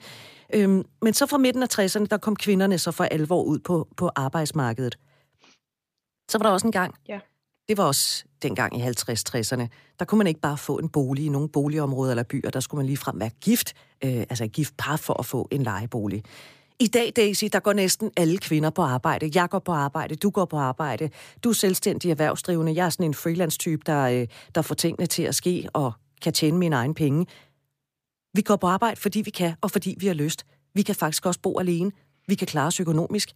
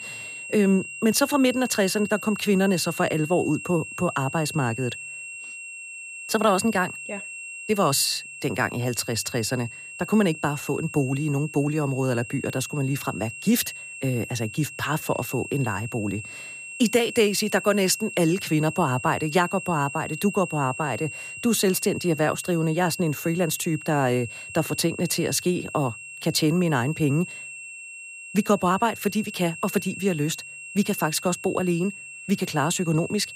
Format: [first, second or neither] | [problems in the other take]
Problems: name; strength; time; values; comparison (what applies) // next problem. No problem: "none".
first | high-pitched whine; noticeable; throughout; 2.5 kHz, 10 dB below the speech